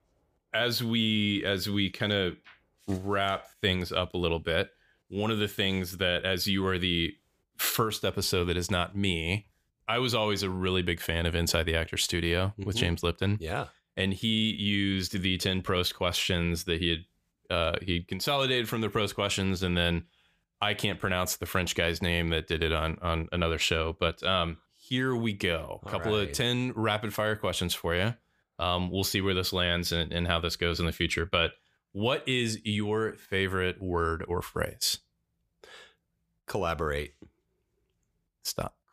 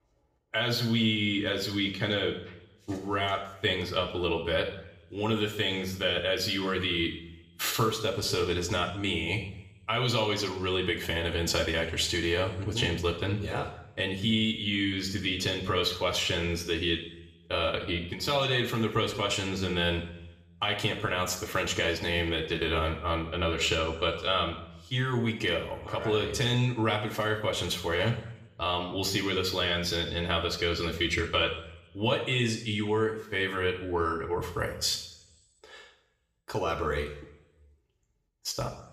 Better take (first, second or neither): first